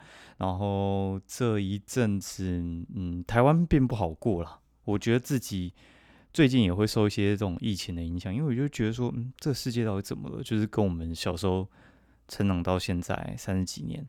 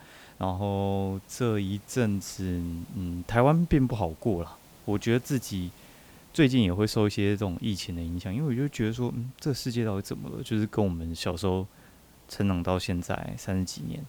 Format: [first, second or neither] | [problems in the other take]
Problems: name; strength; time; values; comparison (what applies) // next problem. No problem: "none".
first | hiss; faint; throughout; 25 dB below the speech